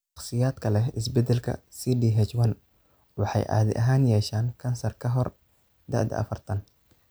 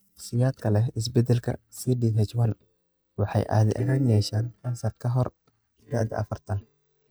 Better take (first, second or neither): first